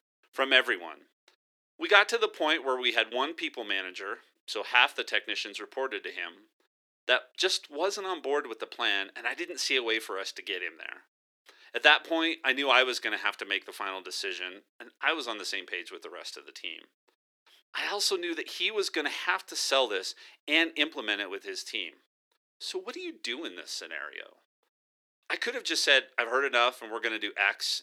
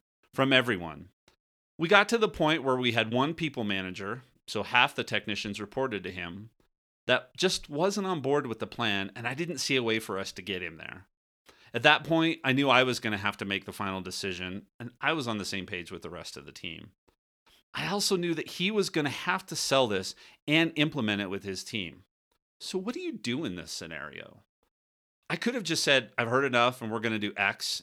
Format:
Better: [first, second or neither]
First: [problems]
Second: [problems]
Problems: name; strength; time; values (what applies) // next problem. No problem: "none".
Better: second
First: thin; somewhat; fading below 300 Hz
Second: none